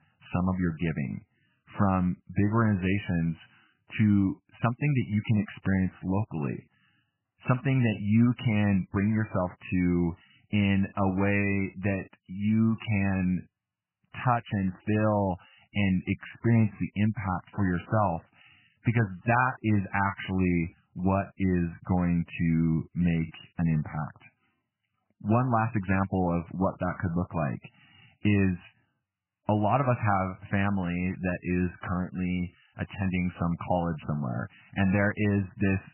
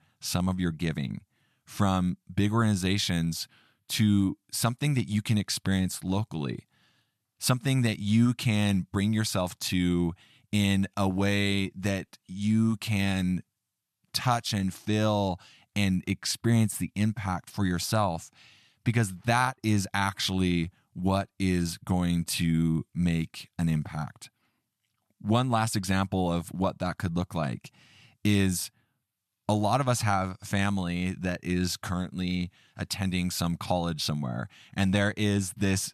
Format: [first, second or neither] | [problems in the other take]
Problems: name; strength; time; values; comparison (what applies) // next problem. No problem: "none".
second | garbled, watery; badly; nothing above 3 kHz